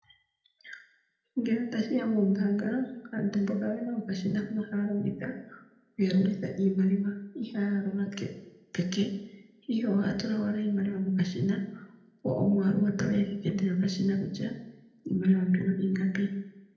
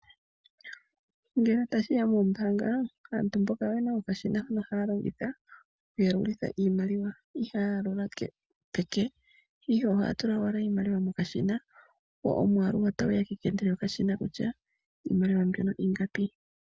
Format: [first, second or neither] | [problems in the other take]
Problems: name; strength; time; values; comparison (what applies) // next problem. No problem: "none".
second | room echo; dies away in 0.7 s